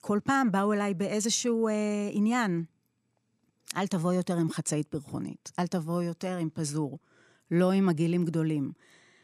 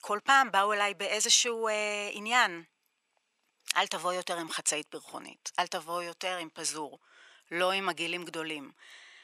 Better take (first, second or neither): first